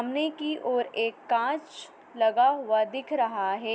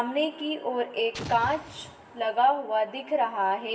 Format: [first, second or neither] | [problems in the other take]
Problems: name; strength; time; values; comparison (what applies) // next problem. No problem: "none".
first | background sound (Explosion); 15 dB below the speech // room echo; dies away in 1 s